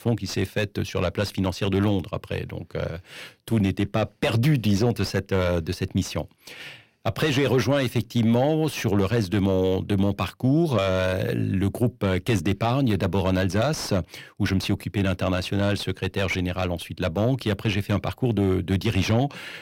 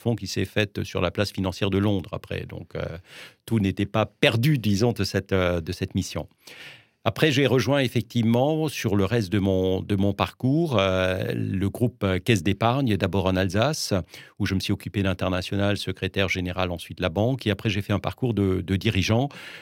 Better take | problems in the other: second | distortion; slight; 10 dB below the speech

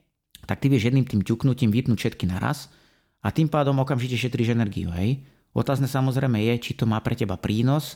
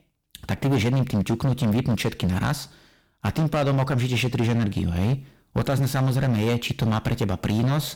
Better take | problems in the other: first | distortion; heavy; 17% of the sound clipped

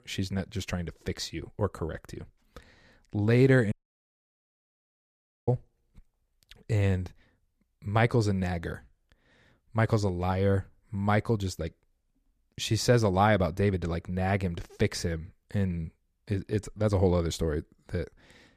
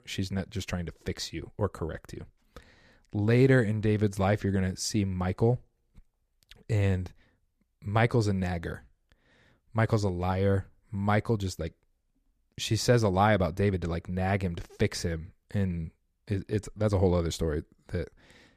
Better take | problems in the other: second | audio cutting out; at 3.5 s for 1.5 s

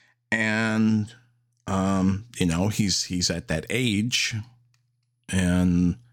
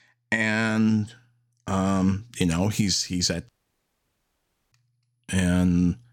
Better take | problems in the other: first | audio cutting out; at 3.5 s for 1 s

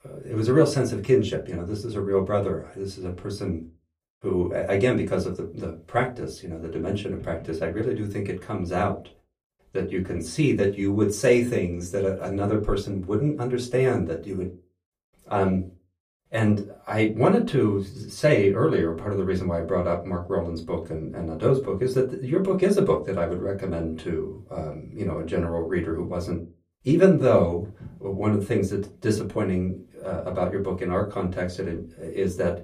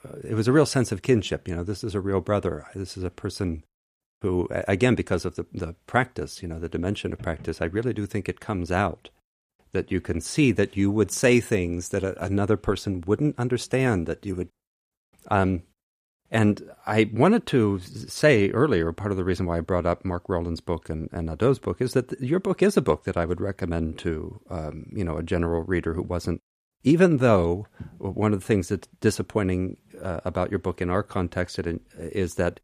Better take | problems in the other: second | off-mic speech; far // room echo; very slight; dies away in 0.2 s

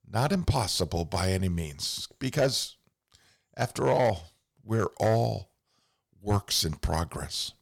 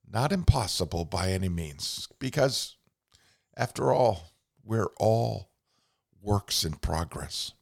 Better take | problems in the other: second | distortion; slight; 2% of the sound clipped

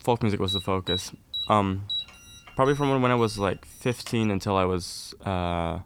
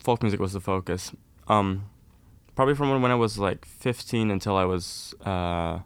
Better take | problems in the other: second | alarm; noticeable; until 4.5 s; peak 4 dB below the speech

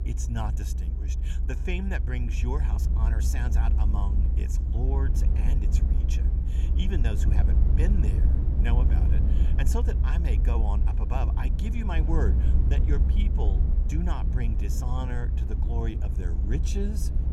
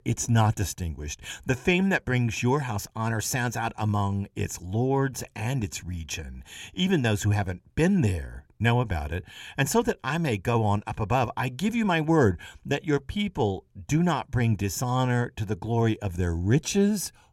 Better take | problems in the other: second | low rumble; loud; throughout; 4 dB below the speech

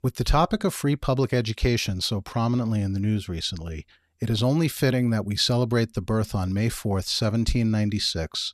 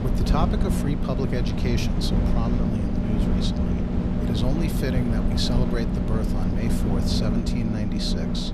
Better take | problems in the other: first | low rumble; loud; throughout; as loud as the speech

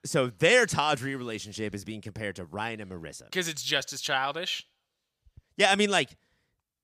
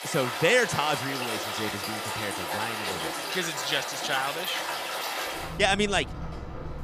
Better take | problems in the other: first | rain or running water; loud; throughout; 4 dB below the speech

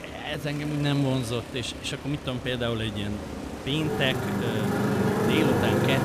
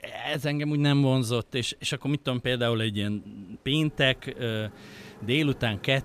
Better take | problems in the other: second | traffic noise; loud; throughout; as loud as the speech; faint in the second

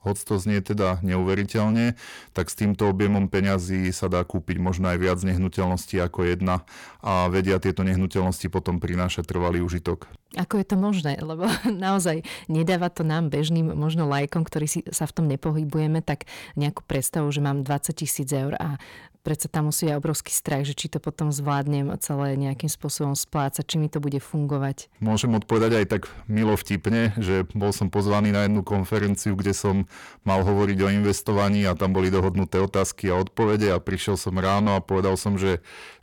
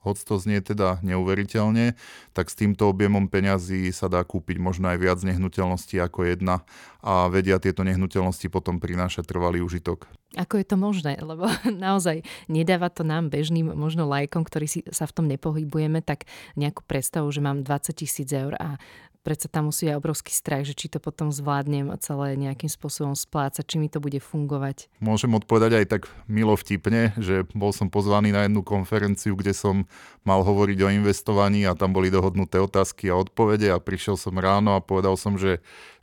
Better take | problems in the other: second | distortion; slight; 10 dB below the speech

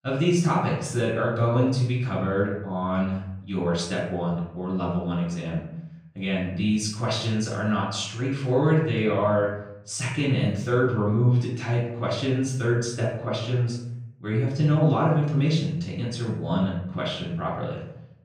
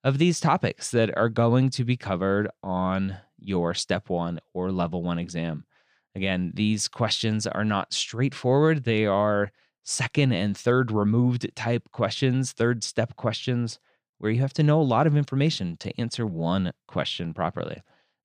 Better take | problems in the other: second | room echo; noticeable; dies away in 0.7 s // off-mic speech; far

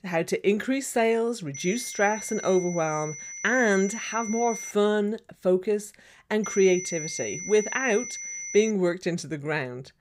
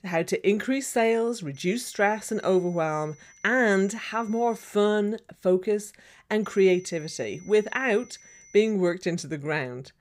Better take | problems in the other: second | high-pitched whine; loud; from 1.5 to 4.5 s and from 6.5 to 8.5 s; 6 kHz, 9 dB below the speech; faint in the second

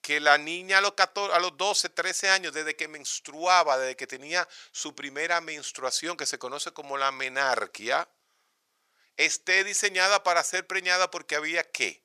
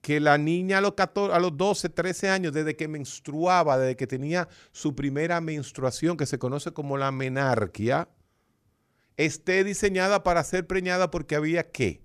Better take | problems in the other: second | thin; very; fading below 800 Hz

